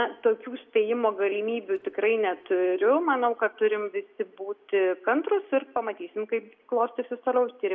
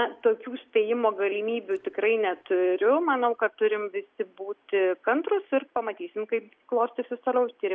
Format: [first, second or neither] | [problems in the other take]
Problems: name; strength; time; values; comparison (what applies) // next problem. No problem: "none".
second | room echo; dies away in 1 s